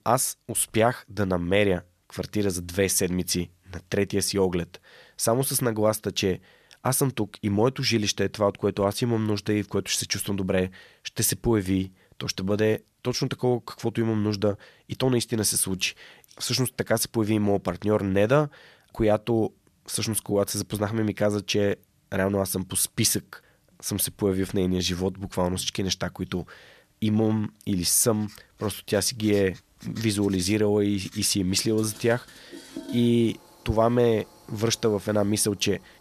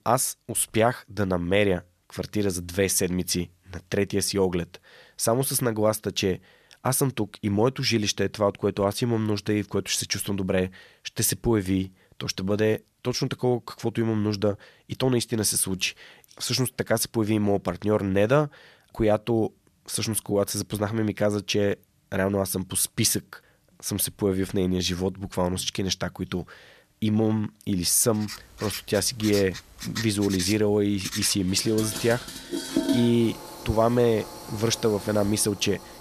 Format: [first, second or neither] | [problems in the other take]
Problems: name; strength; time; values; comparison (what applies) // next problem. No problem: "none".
first | household noises; loud; from 28 s on; 9 dB below the speech; faint in the first